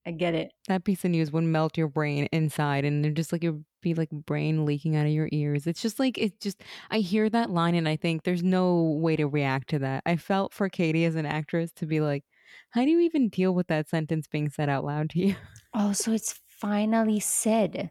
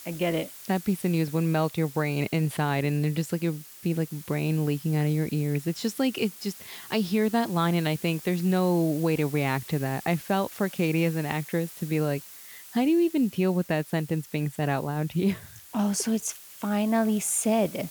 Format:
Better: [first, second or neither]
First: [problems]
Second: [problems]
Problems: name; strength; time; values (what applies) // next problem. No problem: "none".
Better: first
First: none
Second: hiss; noticeable; throughout; 15 dB below the speech